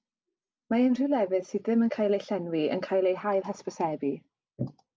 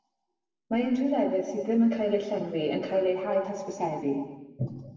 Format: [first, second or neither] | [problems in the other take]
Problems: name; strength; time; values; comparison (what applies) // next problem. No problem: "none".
first | room echo; dies away in 1.2 s